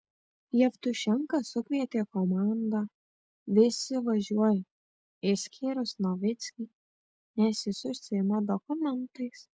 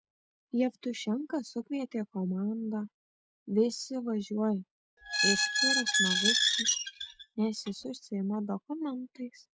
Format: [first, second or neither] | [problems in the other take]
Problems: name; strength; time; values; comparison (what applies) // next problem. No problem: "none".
first | background sound (Squeak); 5 dB above the speech